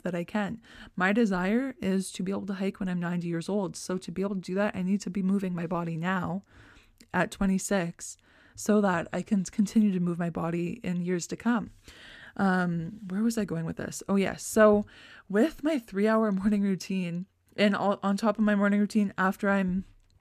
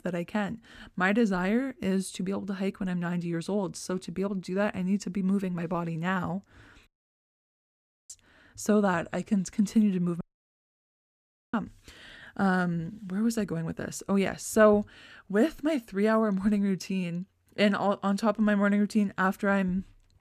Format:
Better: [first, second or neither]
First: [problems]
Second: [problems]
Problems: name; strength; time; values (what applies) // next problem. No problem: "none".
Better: first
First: none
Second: audio cutting out; at 7 s for 1 s and at 10 s for 1.5 s